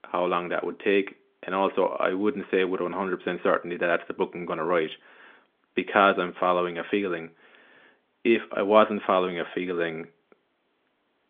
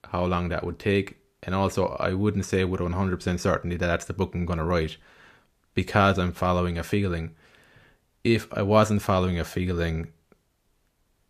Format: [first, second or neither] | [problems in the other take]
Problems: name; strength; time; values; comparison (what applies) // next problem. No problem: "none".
second | phone-call audio; nothing above 3.5 kHz